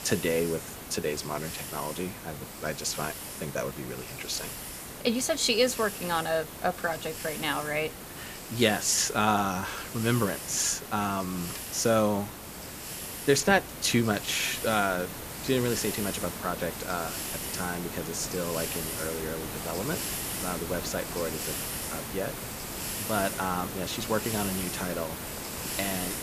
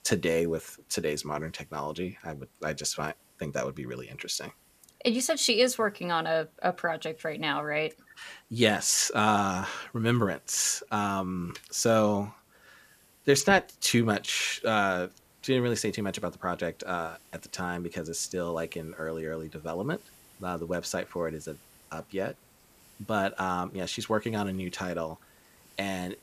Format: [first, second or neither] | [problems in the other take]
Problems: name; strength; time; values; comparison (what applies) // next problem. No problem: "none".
second | hiss; loud; throughout; 6 dB below the speech; faint in the second